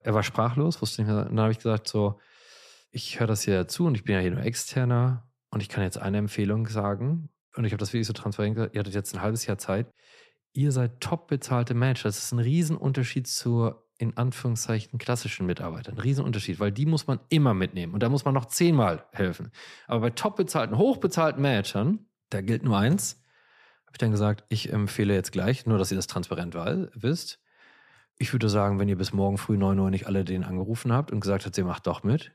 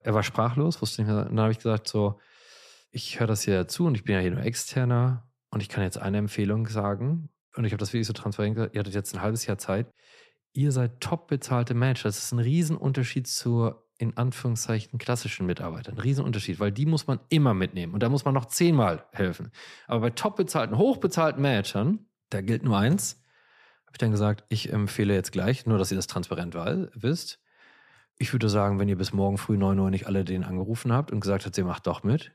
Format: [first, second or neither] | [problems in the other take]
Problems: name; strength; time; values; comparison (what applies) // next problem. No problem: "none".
neither | none